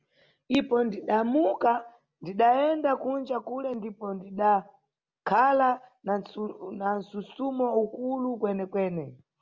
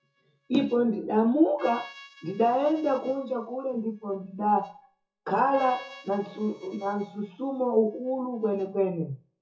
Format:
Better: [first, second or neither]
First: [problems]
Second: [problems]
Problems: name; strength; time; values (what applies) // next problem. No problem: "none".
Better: first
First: none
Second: noise reduction (classical method WPE with log-MMSE)